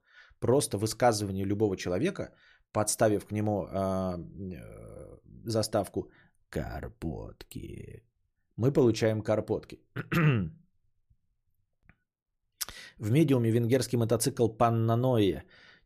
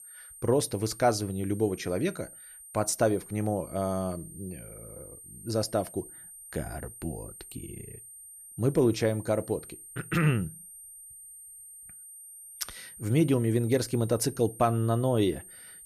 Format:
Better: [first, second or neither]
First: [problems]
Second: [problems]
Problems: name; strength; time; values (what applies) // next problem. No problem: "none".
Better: first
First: none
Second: high-pitched whine; noticeable; throughout; 8.5 kHz, 15 dB below the speech